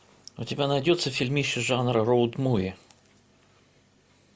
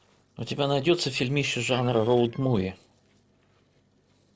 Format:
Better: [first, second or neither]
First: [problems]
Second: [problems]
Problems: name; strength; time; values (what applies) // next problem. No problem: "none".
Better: first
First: none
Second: noise reduction (neural separator model SepFormer DNS4)